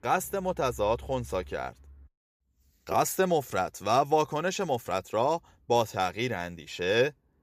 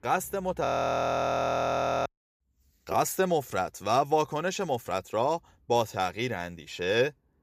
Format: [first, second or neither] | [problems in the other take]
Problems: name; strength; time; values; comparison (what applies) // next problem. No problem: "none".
first | audio freezing; at 0.5 s for 1.5 s